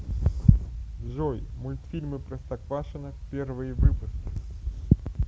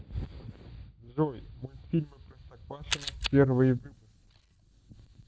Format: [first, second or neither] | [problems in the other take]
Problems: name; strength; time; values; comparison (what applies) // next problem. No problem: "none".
first | noise reduction (neural mask model DeepFilterNet 3)